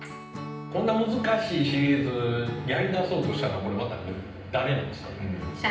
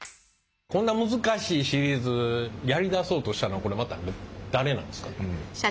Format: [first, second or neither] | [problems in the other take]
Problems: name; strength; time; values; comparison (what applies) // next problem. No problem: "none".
second | background sound (Acoustic guitar / Strum); 12 dB below the speech // room echo; dies away in 0.9 s